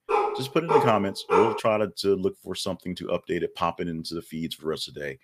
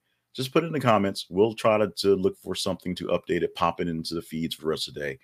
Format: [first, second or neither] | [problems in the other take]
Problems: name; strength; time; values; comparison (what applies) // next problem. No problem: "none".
second | dog barking; loud; until 1.5 s; peak 4 dB above the speech